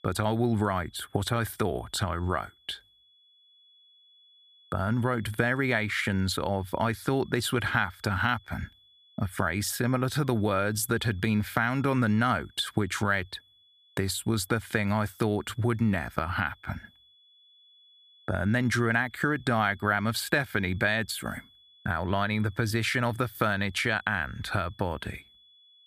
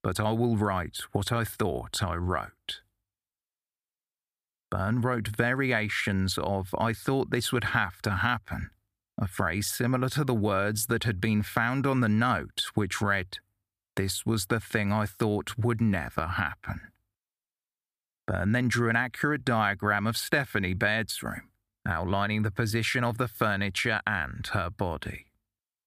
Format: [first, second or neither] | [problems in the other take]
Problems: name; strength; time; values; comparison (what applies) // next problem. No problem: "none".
second | high-pitched whine; faint; throughout; 3.5 kHz, 30 dB below the speech